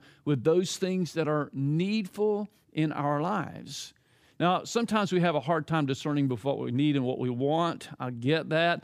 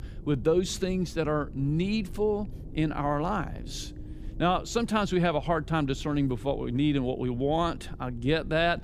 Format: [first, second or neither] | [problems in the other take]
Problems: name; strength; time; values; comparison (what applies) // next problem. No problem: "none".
first | low rumble; faint; throughout; 25 dB below the speech